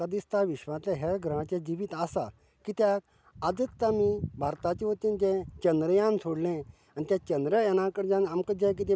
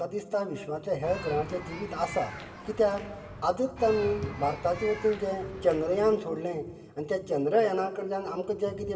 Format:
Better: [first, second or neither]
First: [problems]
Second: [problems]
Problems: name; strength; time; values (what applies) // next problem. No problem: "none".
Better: first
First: none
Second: background sound (Human group actions); 13 dB below the speech // room echo; dies away in 1.9 s